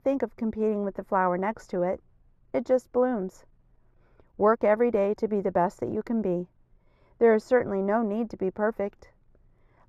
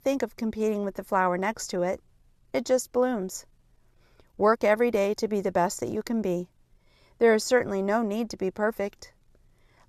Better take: second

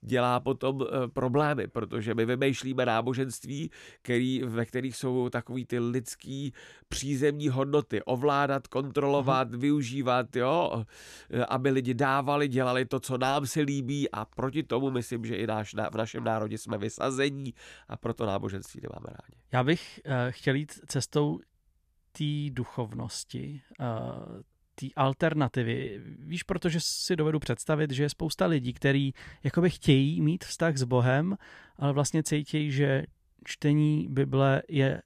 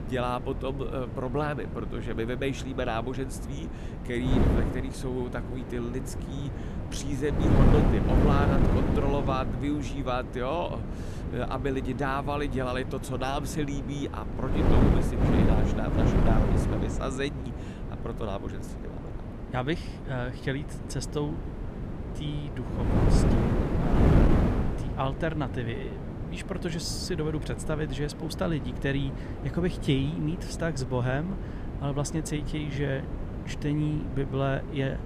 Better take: first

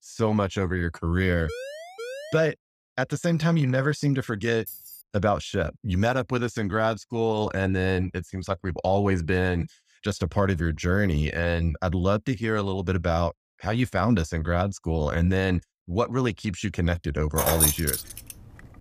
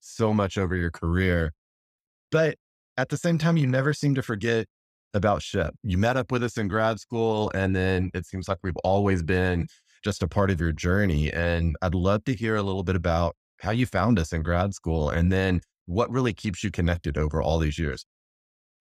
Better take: second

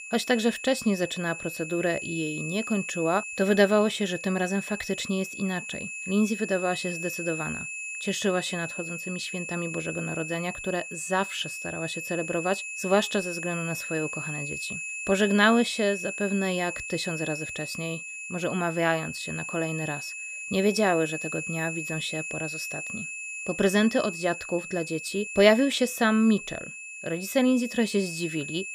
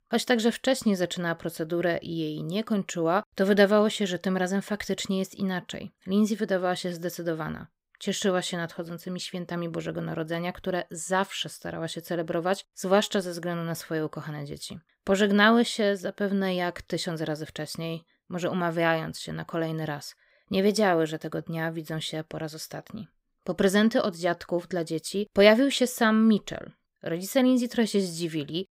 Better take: second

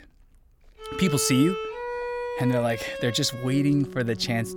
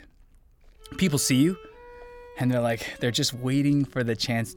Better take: second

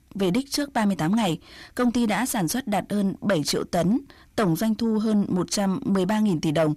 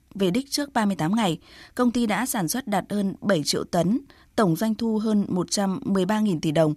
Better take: second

